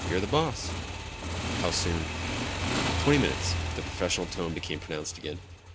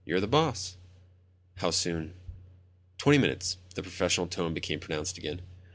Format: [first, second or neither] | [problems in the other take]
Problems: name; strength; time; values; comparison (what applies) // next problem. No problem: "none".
second | background sound (Motorcycle / Engine); 1 dB below the speech